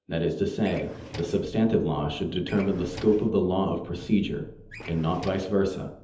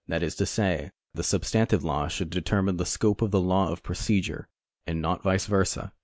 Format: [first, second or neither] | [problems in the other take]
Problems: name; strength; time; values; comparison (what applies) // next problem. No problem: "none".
second | background sound (Drawer open or close); 16 dB below the speech // room echo; dies away in 1.2 s